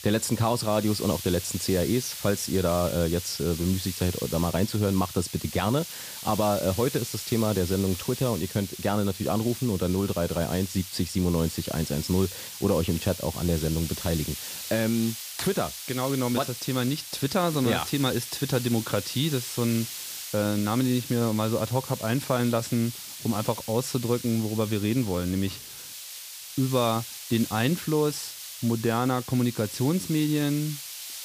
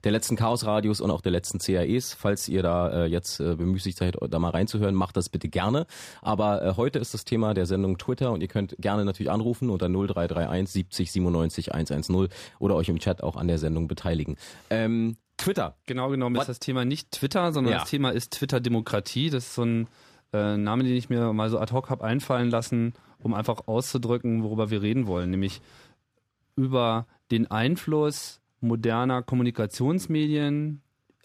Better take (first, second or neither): second